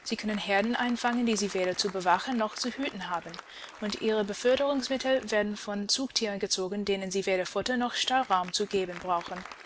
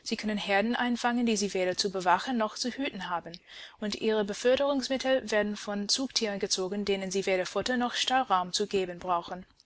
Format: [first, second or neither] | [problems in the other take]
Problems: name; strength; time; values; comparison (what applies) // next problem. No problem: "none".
second | background sound (Applause); 19 dB below the speech